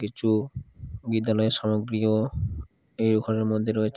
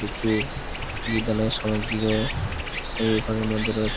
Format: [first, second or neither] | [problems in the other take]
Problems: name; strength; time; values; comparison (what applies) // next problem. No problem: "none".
first | background sound (Stream); 4 dB below the speech